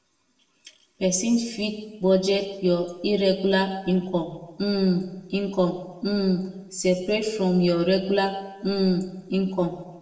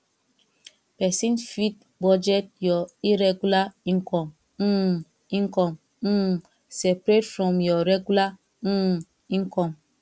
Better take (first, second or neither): second